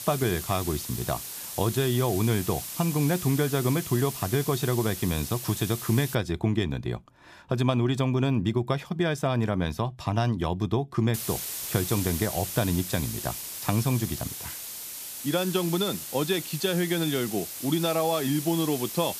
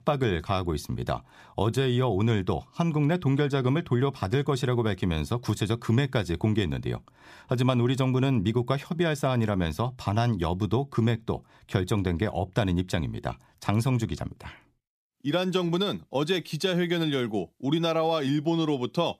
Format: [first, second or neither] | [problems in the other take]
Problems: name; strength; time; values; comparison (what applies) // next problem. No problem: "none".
second | hiss; loud; until 6 s and from 11 s on; 7 dB below the speech